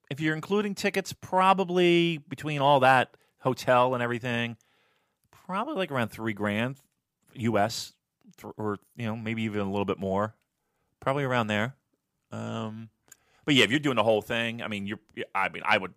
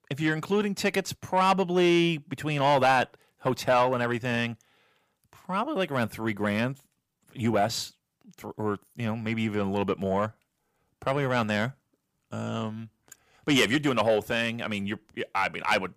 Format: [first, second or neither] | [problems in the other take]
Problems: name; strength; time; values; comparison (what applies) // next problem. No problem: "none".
first | distortion; slight; 10 dB below the speech